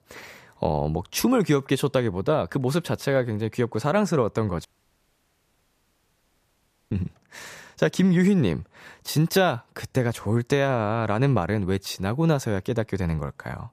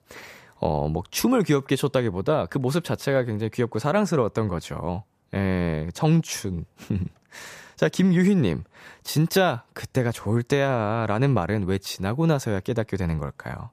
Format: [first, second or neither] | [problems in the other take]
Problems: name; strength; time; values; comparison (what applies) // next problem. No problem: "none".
second | audio cutting out; at 4.5 s for 2.5 s